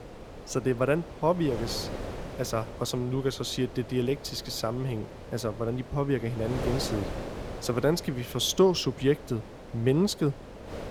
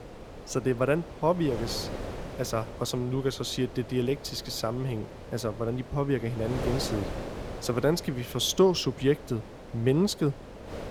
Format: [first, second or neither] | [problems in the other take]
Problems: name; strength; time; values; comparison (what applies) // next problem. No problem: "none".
neither | wind noise on the microphone; occasional gusts; 10 dB below the speech; the same in both